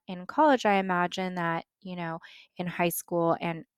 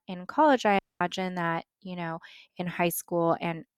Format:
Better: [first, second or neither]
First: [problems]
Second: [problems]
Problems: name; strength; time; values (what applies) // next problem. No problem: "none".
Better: first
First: none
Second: audio cutting out; at 1 s